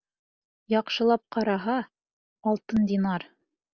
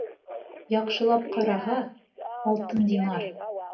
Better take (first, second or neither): first